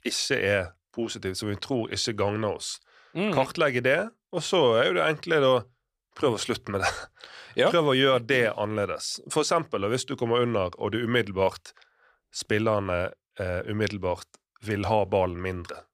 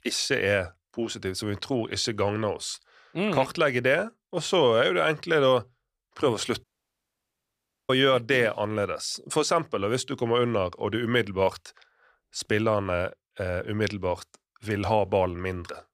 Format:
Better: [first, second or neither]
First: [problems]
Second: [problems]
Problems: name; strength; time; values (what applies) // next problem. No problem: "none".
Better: first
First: none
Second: audio cutting out; at 6.5 s for 1.5 s